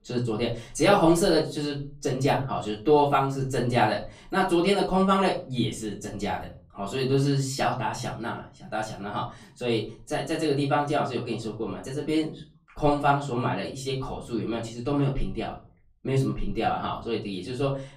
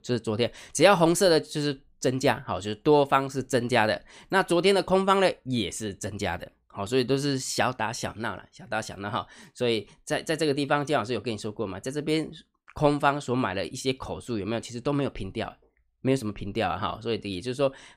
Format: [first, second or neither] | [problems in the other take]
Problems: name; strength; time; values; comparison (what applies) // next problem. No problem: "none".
second | off-mic speech; far // room echo; slight; dies away in 0.3 s